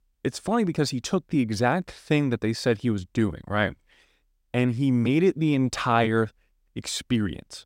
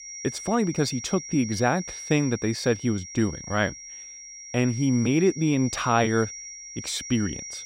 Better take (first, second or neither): first